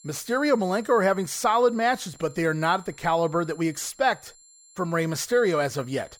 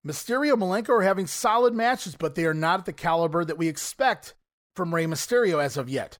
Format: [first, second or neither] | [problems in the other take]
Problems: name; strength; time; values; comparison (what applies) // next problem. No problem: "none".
second | high-pitched whine; faint; throughout; 7.5 kHz, 25 dB below the speech